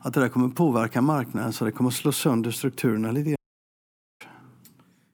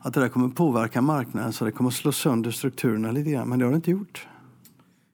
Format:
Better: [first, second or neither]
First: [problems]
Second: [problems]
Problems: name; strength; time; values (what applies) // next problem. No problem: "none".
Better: second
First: audio cutting out; at 3.5 s for 1 s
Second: none